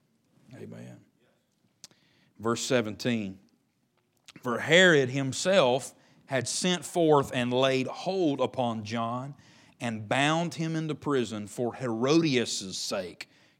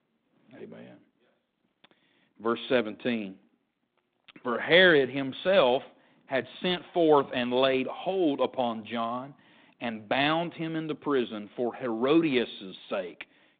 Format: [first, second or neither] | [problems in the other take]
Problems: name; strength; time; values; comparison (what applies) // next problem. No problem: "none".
first | phone-call audio; nothing above 3.5 kHz